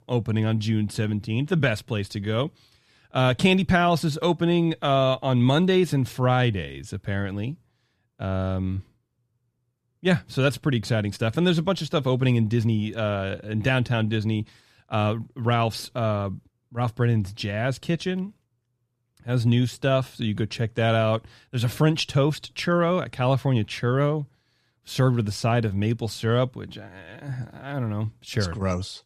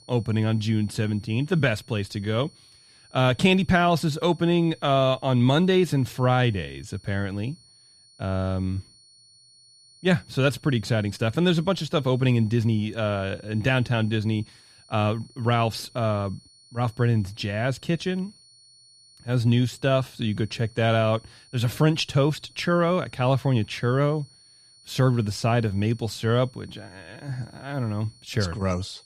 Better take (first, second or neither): first